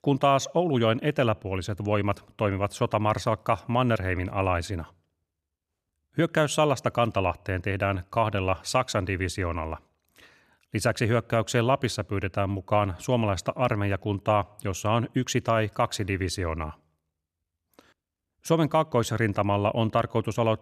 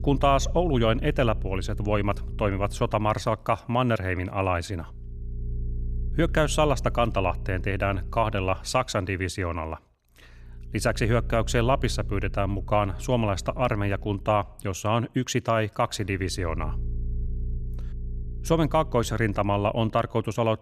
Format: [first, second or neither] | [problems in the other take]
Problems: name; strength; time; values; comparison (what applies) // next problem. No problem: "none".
first | low rumble; faint; throughout; 25 dB below the speech